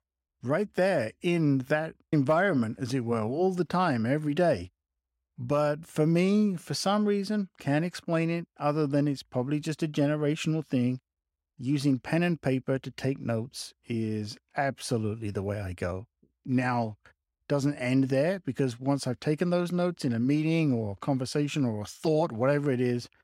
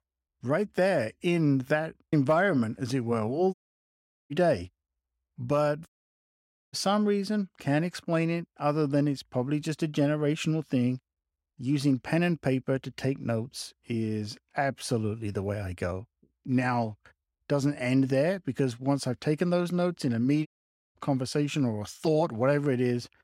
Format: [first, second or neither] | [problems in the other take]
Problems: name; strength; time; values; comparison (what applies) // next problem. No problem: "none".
first | audio cutting out; at 3.5 s for 1 s, at 6 s for 1 s and at 20 s